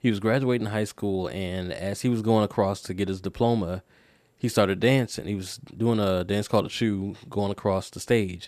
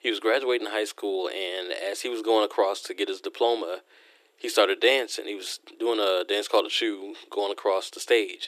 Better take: first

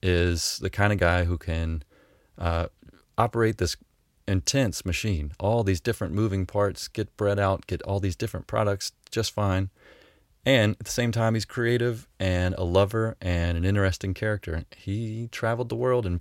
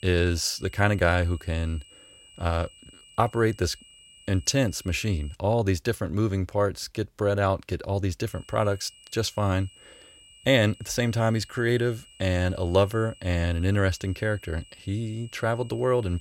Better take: first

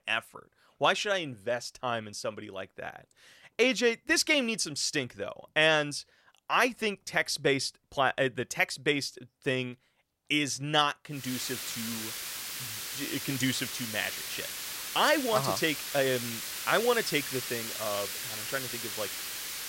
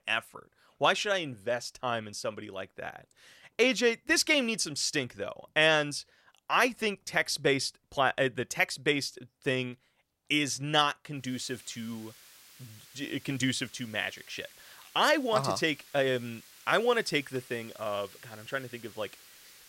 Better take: second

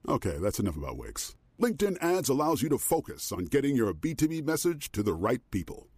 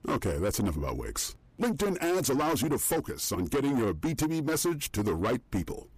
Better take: first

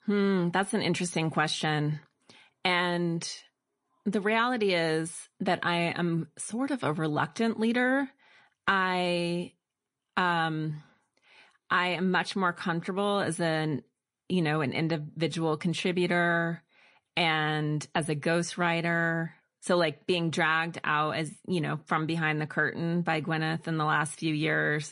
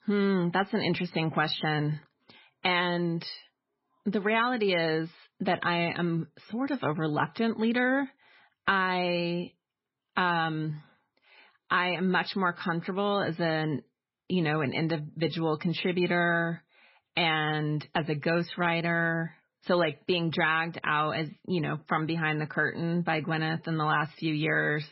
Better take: first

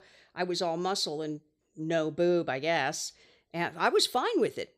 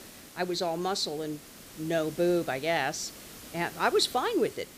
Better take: first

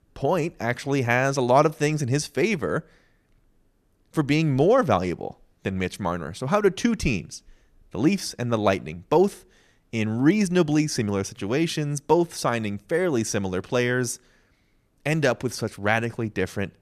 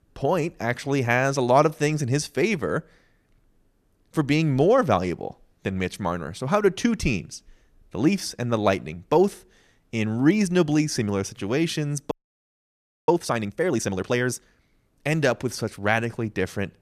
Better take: first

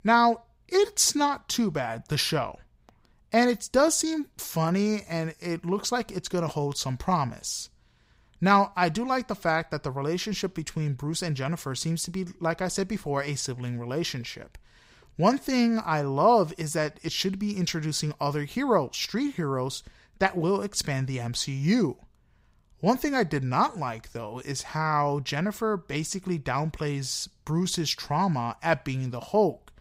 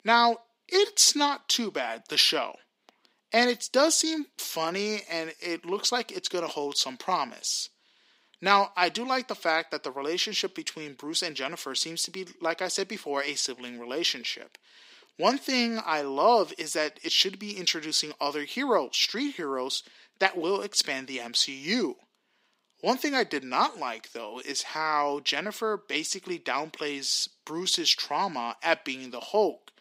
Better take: first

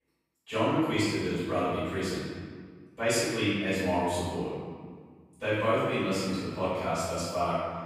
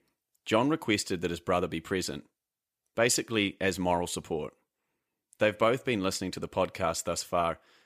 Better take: second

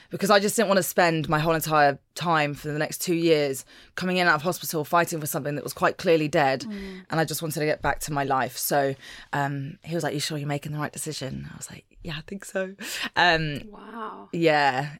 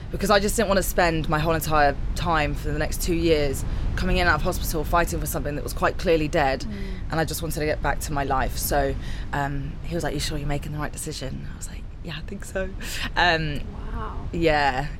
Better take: first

